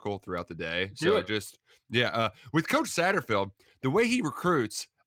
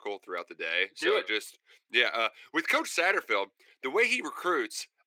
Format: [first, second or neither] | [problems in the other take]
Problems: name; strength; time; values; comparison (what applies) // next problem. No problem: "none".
first | thin; somewhat; fading below 350 Hz